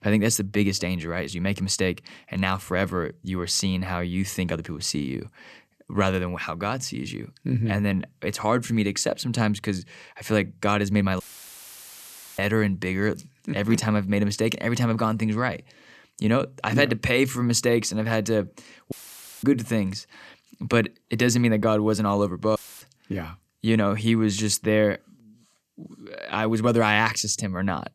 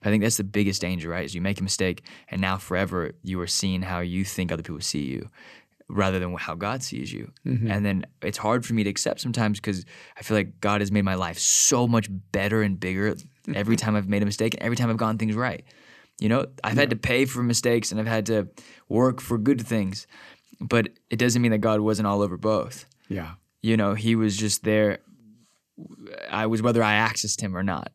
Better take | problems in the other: second | audio cutting out; filled with static; at 11 s for 1 s, at 19 s for 0.5 s and at 23 s

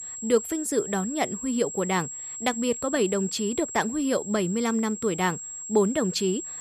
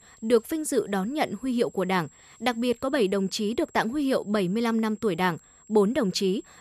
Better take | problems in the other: second | high-pitched whine; loud; throughout; 7.5 kHz, 8 dB below the speech; faint in the second

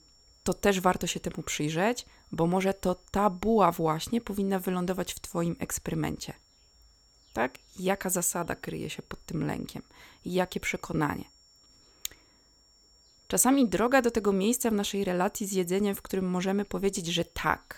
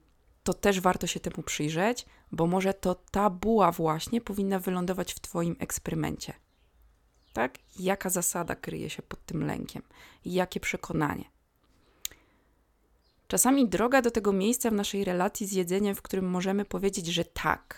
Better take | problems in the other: second | high-pitched whine; faint; throughout; 5.5 kHz, 30 dB below the speech

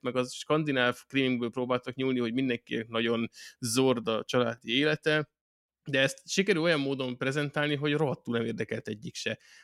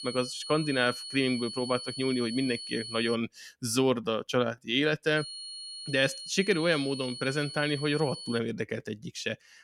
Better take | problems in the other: first | high-pitched whine; loud; until 3 s and from 5 to 8.5 s; 4.5 kHz, 9 dB below the speech

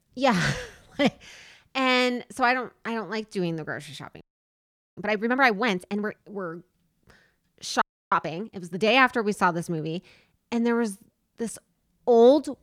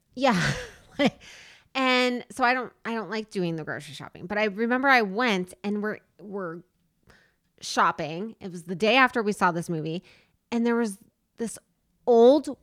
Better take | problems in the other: second | audio freezing; at 4 s for 1 s and at 8 s

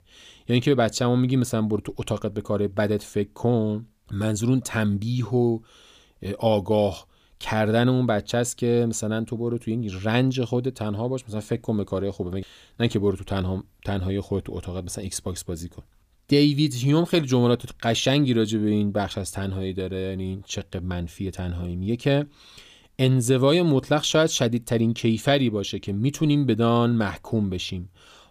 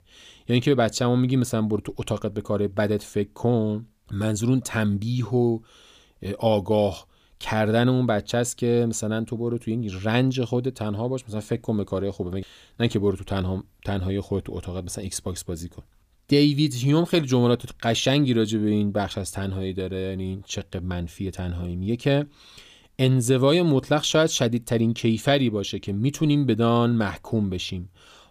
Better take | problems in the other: neither | none

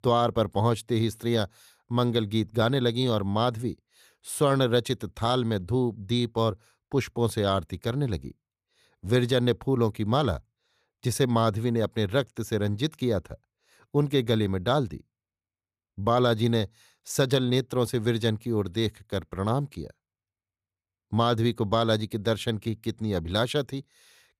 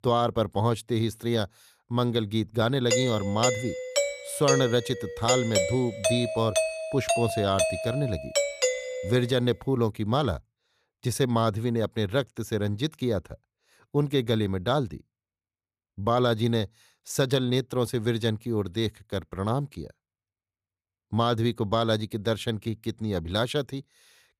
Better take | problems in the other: first | doorbell; loud; from 3 to 9 s; peak 3 dB above the speech

